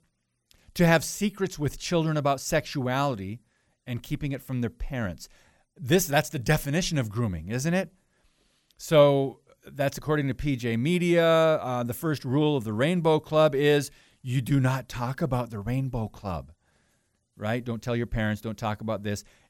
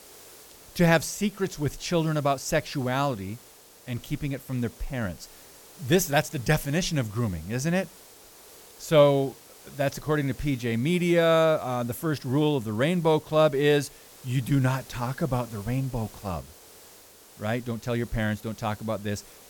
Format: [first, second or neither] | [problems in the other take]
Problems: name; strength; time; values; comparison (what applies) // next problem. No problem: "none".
first | hiss; faint; throughout; 20 dB below the speech